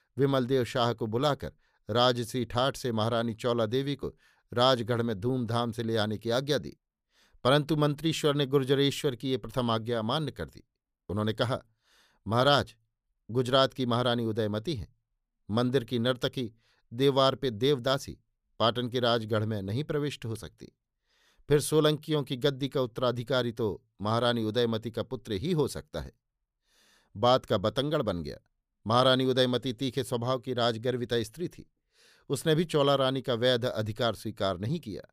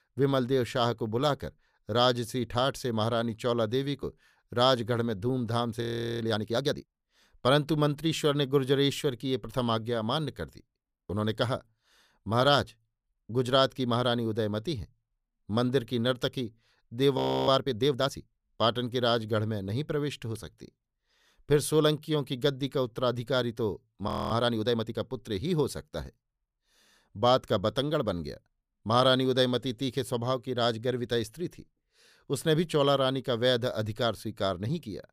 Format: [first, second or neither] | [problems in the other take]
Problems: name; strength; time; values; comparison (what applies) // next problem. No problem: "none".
first | audio freezing; at 6 s, at 17 s and at 24 s